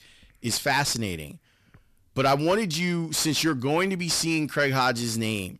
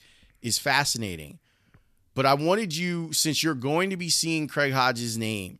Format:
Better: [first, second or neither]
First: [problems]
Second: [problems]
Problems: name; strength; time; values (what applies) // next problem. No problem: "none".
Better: second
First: distortion; slight; 10 dB below the speech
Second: none